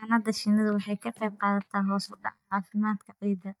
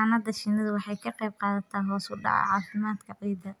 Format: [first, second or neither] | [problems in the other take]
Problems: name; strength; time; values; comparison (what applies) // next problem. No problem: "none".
second | noise reduction (neural mask model DeepFilterNet 3)